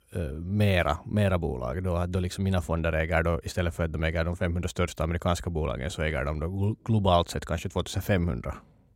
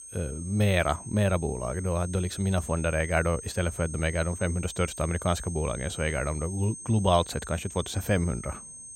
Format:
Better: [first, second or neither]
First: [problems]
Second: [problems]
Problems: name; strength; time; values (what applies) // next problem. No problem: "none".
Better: first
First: none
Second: high-pitched whine; noticeable; throughout; 8.5 kHz, 10 dB below the speech